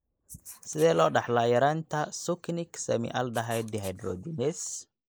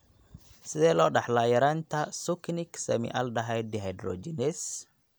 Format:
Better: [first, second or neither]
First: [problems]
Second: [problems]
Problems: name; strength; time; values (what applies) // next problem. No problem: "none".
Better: second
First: noise reduction (neural mask model Resemble Enhance denoiser)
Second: none